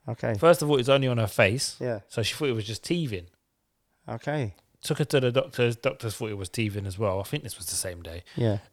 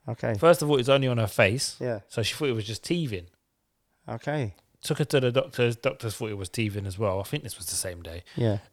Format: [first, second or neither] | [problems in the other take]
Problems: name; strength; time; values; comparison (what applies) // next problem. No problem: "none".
neither | none